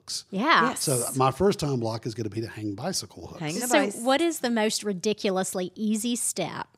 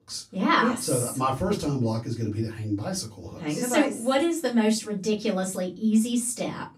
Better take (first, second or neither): first